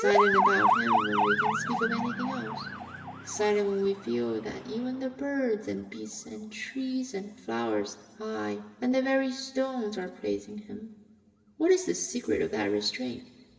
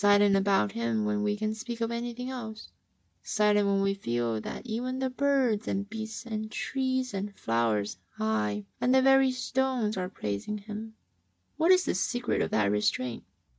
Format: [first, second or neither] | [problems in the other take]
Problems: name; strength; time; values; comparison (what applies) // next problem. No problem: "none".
second | background sound (Motor vehicle (road) / Siren); 3 dB below the speech // room echo; dies away in 1.7 s